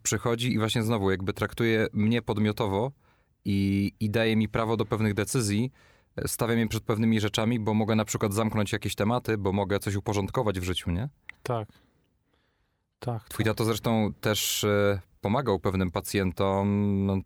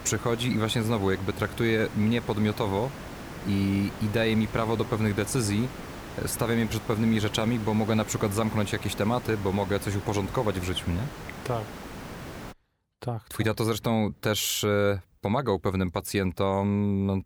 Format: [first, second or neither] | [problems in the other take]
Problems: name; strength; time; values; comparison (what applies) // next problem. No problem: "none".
first | hiss; noticeable; until 13 s; 10 dB below the speech